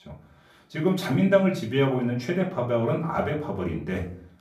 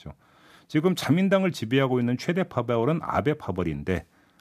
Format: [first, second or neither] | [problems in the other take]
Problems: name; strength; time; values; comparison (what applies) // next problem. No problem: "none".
second | off-mic speech; far // room echo; slight; dies away in 0.4 s